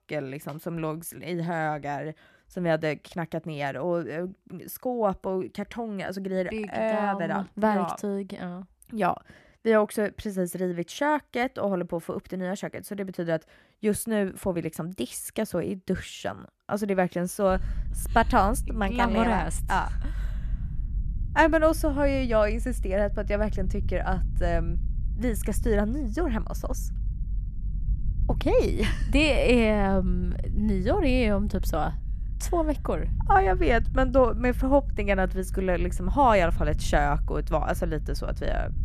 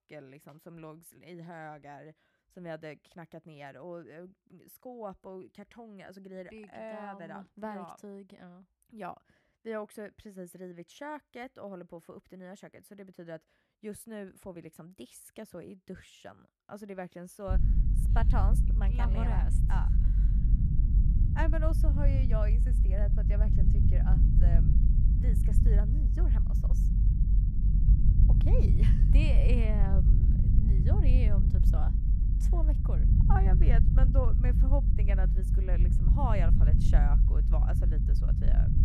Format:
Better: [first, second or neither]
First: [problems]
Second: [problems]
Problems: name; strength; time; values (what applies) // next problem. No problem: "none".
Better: first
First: low rumble; faint; from 17 s on; 25 dB below the speech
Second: low rumble; loud; from 17 s on; 2 dB below the speech